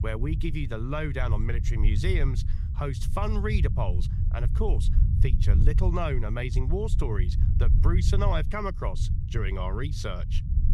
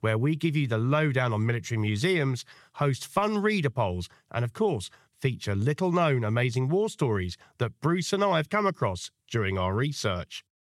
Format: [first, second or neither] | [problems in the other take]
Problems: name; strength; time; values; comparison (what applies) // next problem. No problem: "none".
second | low rumble; loud; throughout; 10 dB below the speech